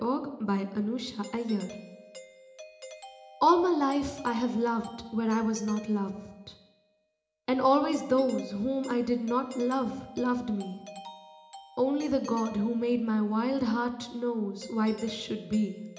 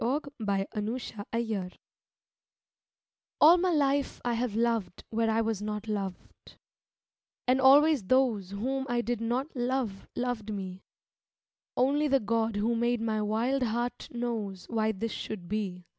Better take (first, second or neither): second